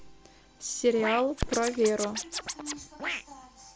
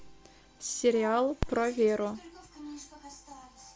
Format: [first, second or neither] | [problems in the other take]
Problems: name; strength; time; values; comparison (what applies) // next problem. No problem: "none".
second | background sound (Scratching (performance technique)); 7 dB below the speech